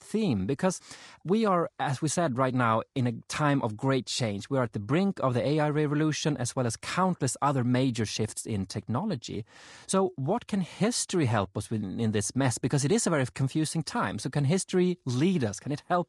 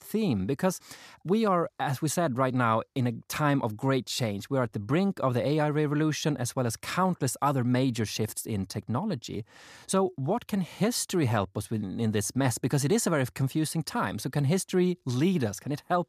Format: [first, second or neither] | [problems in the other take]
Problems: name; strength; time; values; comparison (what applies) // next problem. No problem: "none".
second | garbled, watery; slightly; nothing above 10.5 kHz